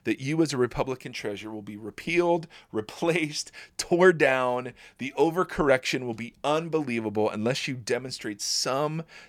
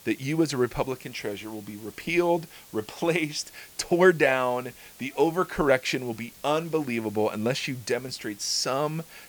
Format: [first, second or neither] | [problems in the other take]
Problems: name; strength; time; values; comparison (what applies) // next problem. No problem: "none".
first | hiss; faint; throughout; 20 dB below the speech